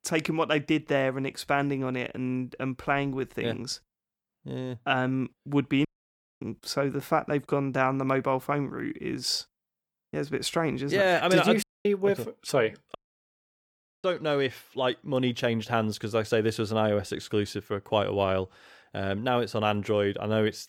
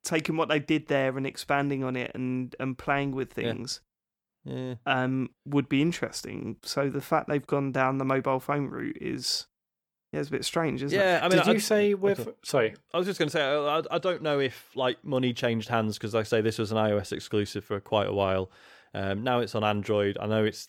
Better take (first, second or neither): second